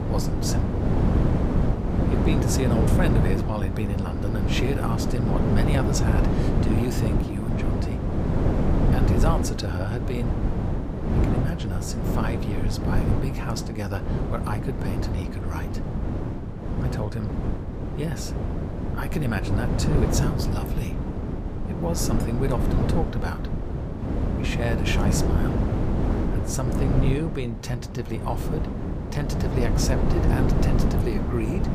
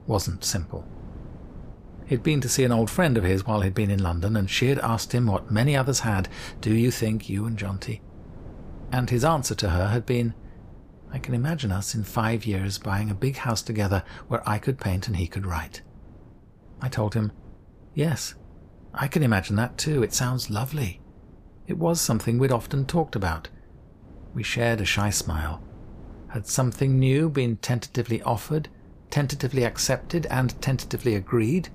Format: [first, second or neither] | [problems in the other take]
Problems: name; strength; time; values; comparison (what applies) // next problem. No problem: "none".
second | wind noise on the microphone; heavy; 1 dB above the speech; occasional gusts in the second